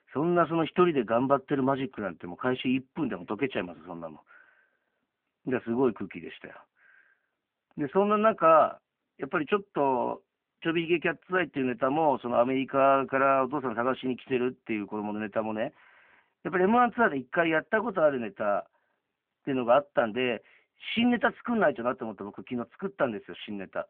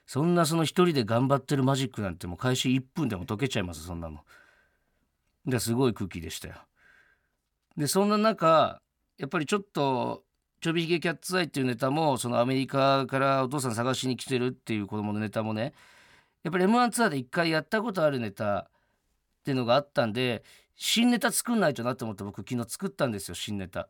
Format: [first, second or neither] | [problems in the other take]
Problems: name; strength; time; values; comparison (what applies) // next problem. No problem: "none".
second | phone-call audio; nothing above 3.5 kHz